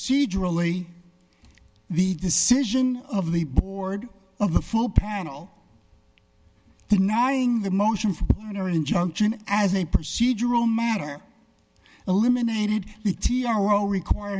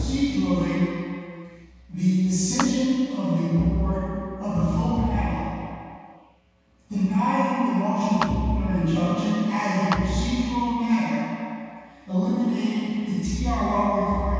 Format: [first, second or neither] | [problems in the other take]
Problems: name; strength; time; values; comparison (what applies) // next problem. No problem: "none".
first | background sound (Clapping); 13 dB below the speech // room echo; dies away in 2.2 s